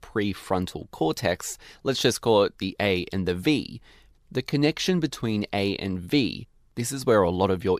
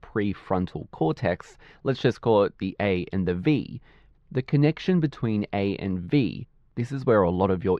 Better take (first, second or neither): first